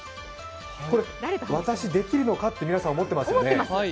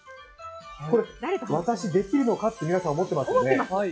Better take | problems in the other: first | noise reduction (classical method log-MMSE)

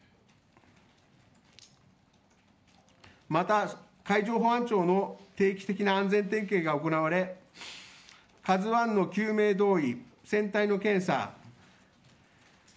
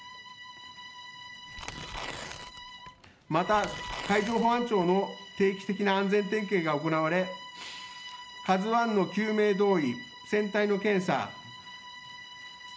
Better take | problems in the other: first | background sound (Bowed string instrument + Tearing); 14 dB below the speech

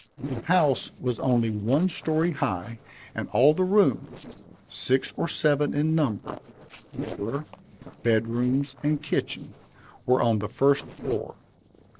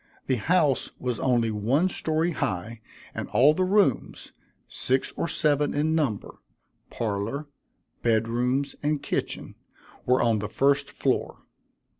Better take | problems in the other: second | noise reduction (neural separator model SepFormer DNS4)

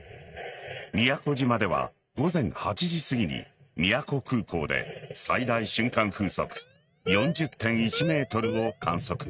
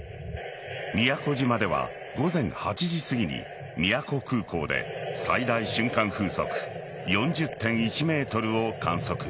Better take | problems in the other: second | noise reduction (neural mask model RNNoise)

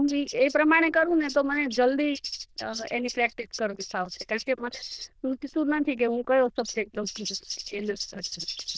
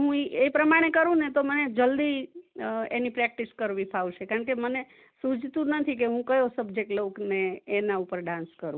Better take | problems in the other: second | noise reduction (neural diffusion model UNIVERSE++)

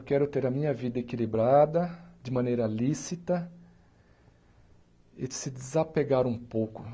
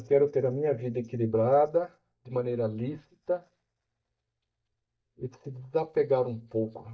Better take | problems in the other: first | noise reduction (neural mask model DeepFilterNet 3)

